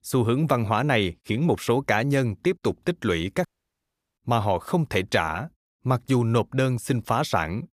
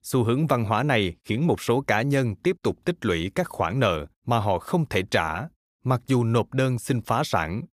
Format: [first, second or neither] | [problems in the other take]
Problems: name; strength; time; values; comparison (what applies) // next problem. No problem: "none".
second | audio cutting out; at 3.5 s for 0.5 s